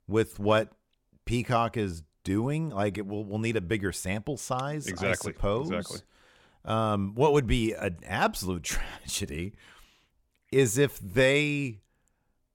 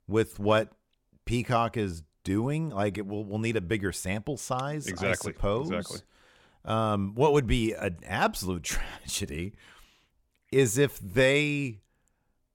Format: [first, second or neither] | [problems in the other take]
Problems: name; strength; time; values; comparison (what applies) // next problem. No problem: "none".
neither | none